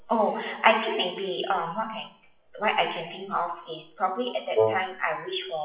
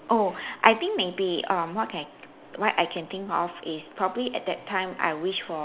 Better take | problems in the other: second | noise reduction (classical method WPE with log-MMSE)

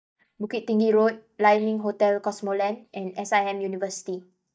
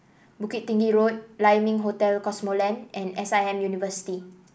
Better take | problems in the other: second | noise reduction (neural mask model DeepFilterNet 3)

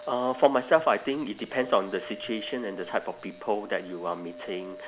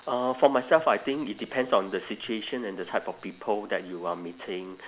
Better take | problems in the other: second | background sound (Wind instrument, woodwind instrument); 17 dB below the speech

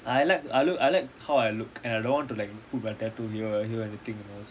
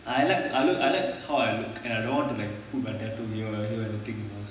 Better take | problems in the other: first | room echo; dies away in 1 s

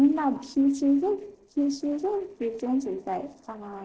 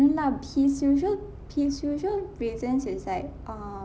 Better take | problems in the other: second | noise reduction (neural separator model SepFormer DNS4)

